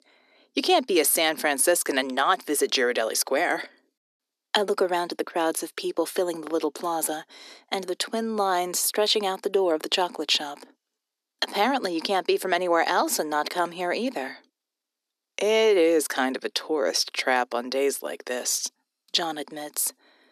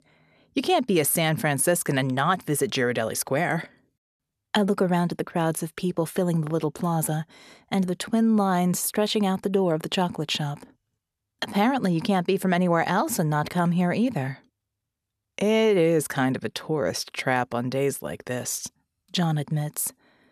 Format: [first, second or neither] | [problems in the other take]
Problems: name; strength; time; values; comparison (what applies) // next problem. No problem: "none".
second | thin; somewhat; fading below 300 Hz